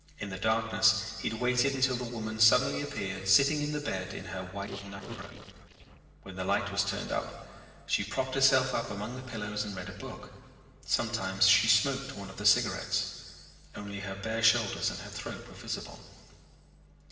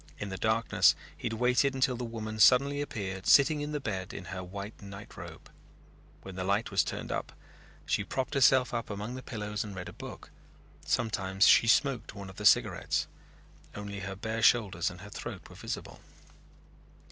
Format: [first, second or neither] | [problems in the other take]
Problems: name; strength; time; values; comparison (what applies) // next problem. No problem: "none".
second | noise reduction (neural separator model SepFormer DNS4)